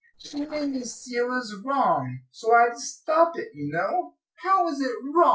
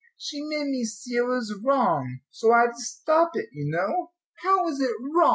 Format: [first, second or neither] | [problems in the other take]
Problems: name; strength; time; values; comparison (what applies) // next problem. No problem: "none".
second | noise reduction (neural separator model SepFormer DNS4)